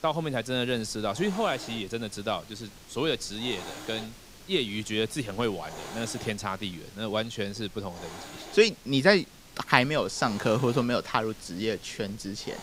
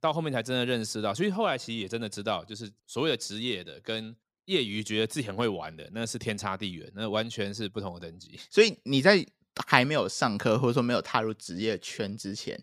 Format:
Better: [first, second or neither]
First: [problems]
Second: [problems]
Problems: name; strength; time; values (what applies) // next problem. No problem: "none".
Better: second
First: hiss; noticeable; throughout; 15 dB below the speech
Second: none